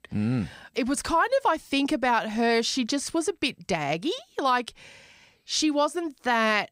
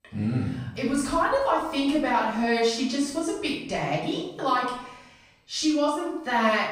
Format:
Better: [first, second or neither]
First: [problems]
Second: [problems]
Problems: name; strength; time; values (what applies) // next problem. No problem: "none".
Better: first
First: none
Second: off-mic speech; far // room echo; noticeable; dies away in 0.8 s